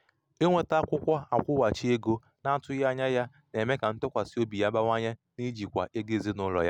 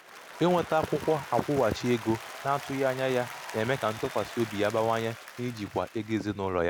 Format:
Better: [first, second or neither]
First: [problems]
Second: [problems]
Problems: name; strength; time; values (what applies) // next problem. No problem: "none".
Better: first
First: none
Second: background sound (Applause); 14 dB below the speech